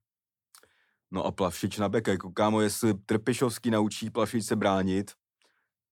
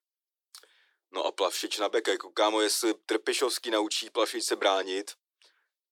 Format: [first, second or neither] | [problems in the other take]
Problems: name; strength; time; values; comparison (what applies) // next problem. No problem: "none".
first | thin; very; fading below 350 Hz